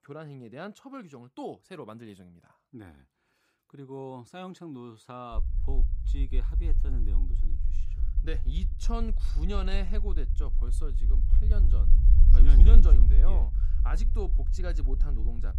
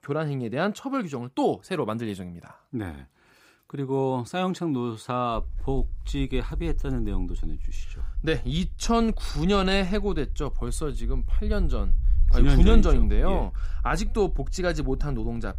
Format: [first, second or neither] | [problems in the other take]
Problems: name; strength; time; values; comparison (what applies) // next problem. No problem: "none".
second | low rumble; loud; from 5.5 s on; 7 dB below the speech; faint in the second